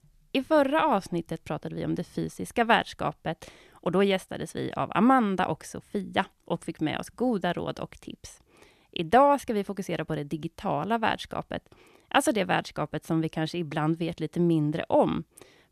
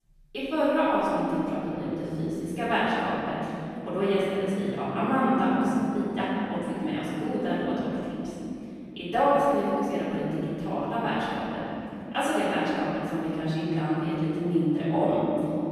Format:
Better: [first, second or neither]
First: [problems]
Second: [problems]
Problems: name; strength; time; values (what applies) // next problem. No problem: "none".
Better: first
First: none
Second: off-mic speech; far // room echo; strong; dies away in 3 s